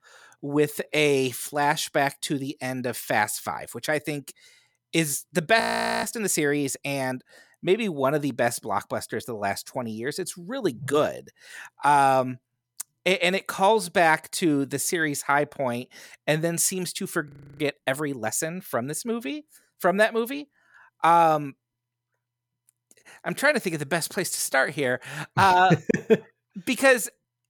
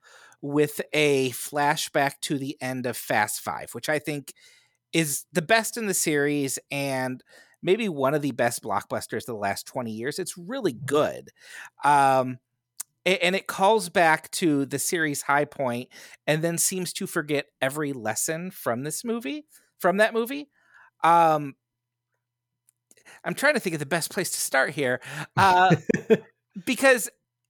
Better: second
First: audio freezing; at 5.5 s and at 17 s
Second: none

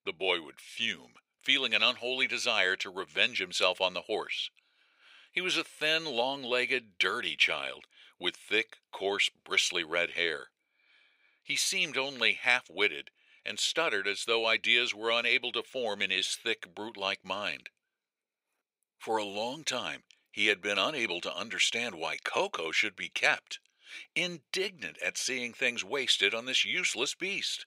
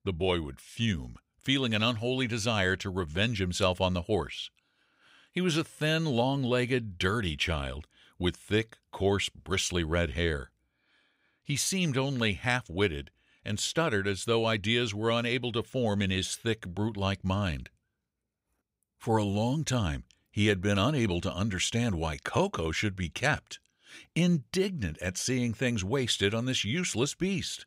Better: second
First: thin; very; fading below 500 Hz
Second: none

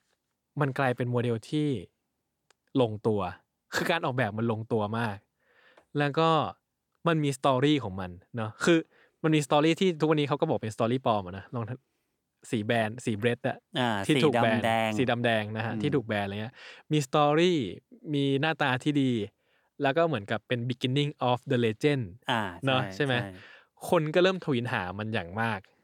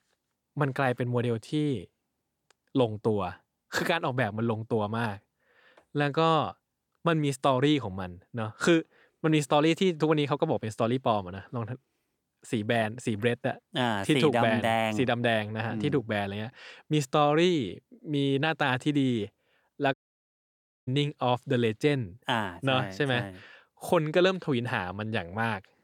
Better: first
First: none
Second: audio cutting out; at 20 s for 1 s

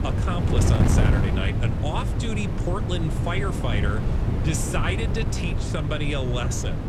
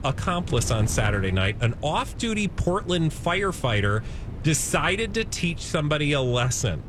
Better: second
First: wind noise on the microphone; heavy; 3 dB below the speech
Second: wind noise on the microphone; occasional gusts; 20 dB below the speech

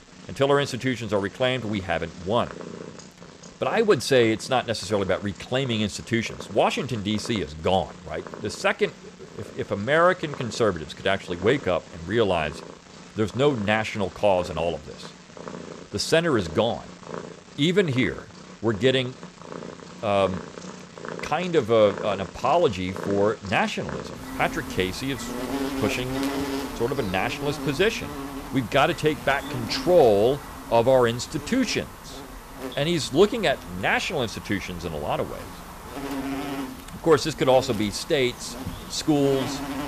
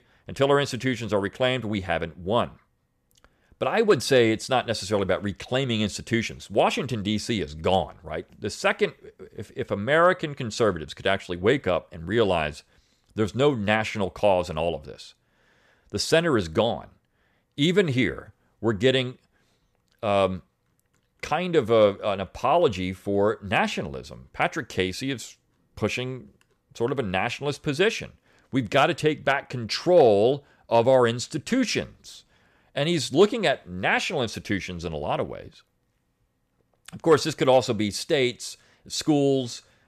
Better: second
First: animal sounds; noticeable; throughout; 15 dB below the speech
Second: none

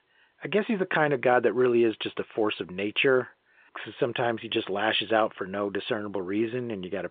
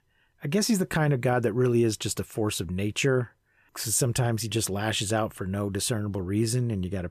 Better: second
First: phone-call audio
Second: none

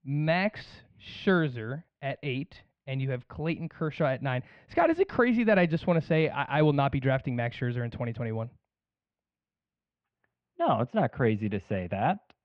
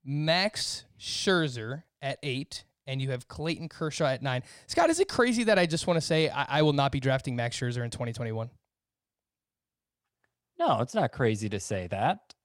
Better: second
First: muffled; very; fading above 2.5 kHz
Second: none

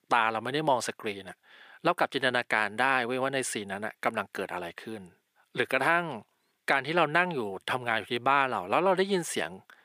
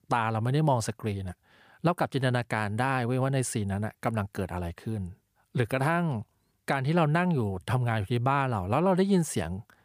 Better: second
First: thin; somewhat; fading below 350 Hz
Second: none

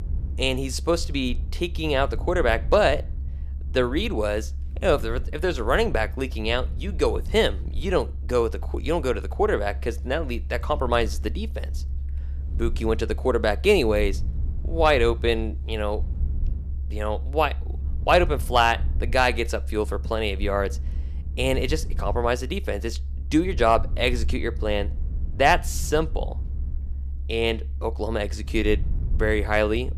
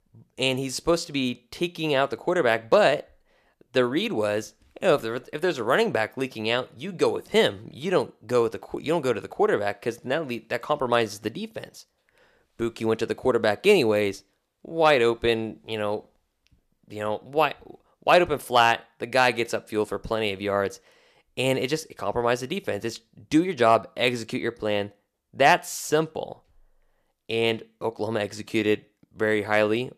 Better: second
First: low rumble; faint; throughout; 25 dB below the speech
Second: none

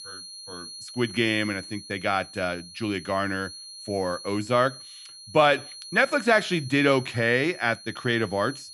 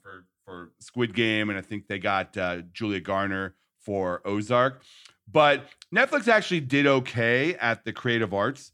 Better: second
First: high-pitched whine; noticeable; throughout; 4.5 kHz, 15 dB below the speech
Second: none

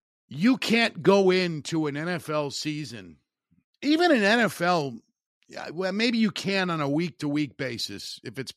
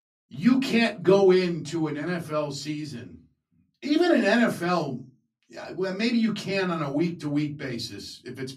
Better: first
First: none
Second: off-mic speech; far // room echo; very slight; dies away in 0.3 s

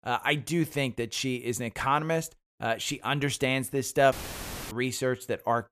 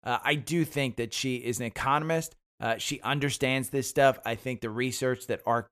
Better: second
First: audio cutting out; filled with static; at 4 s for 0.5 s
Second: none

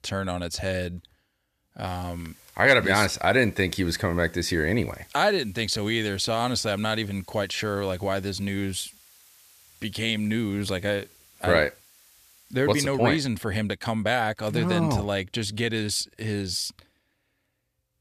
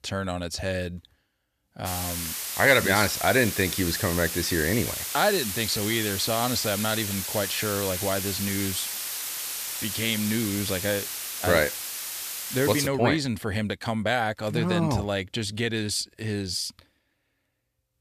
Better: first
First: hiss; faint; from 2 to 13 s; 25 dB below the speech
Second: hiss; loud; from 2 to 13 s; 4 dB below the speech

